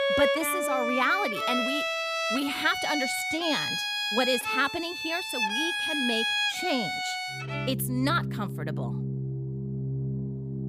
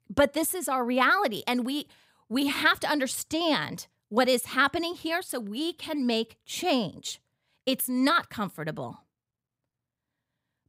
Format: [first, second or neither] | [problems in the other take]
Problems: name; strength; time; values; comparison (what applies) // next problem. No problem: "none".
second | background music; very loud; throughout; 1 dB above the speech